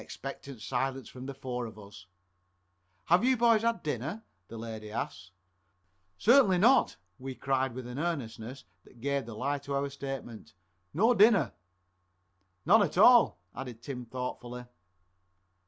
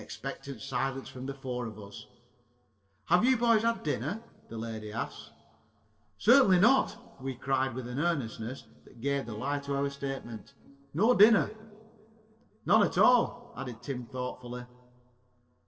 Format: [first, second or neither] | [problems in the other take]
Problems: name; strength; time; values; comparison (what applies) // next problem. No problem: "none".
first | noise reduction (neural separator model SepFormer DNS4)